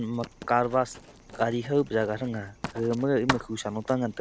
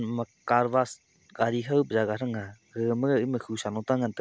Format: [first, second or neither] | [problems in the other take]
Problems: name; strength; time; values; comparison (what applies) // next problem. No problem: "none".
second | background sound (Writing); 11 dB below the speech